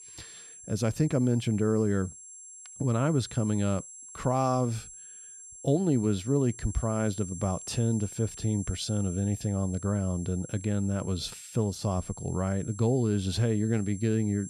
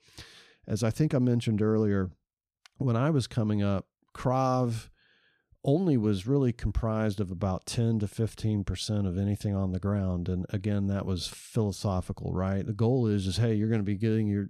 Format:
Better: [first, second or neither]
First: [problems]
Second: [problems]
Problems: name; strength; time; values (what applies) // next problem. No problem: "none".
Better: second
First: high-pitched whine; noticeable; throughout; 7.5 kHz, 15 dB below the speech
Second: none